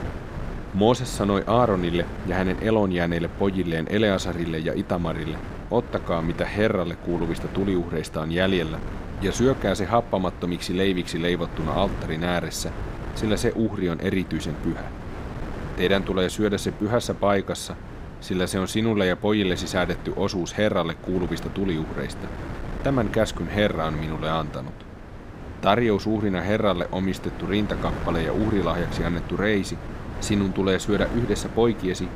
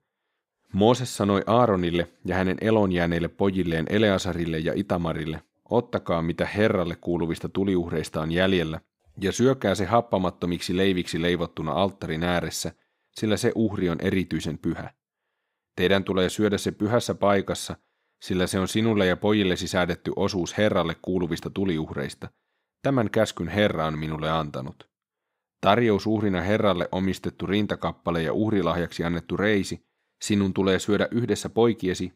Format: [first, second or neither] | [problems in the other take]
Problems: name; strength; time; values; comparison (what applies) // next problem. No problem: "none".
second | wind noise on the microphone; occasional gusts; 15 dB below the speech